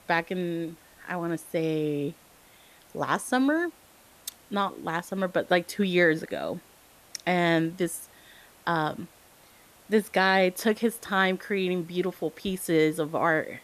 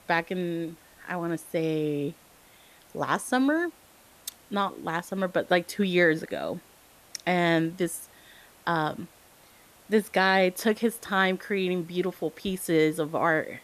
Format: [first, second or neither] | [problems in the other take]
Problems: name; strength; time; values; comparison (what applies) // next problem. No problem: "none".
neither | hiss; faint; throughout; 25 dB below the speech; the same in both